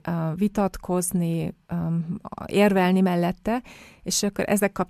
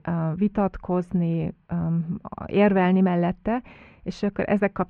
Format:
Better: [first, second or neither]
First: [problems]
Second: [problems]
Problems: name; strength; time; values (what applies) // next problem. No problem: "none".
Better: first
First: none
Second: muffled; very; fading above 2.5 kHz